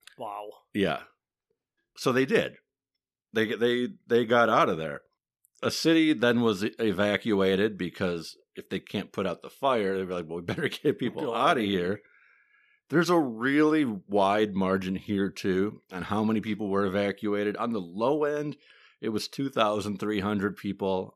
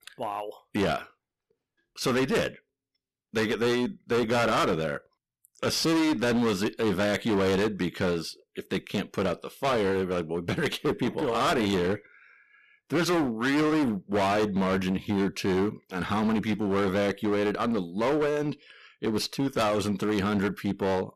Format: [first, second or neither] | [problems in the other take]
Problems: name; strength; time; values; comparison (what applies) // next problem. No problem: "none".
first | distortion; heavy; 20% of the sound clipped